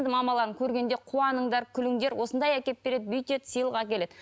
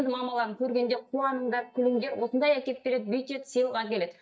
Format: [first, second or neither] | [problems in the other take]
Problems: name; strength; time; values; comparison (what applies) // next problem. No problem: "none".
first | noise reduction (neural mask model DeepFilterNet 3)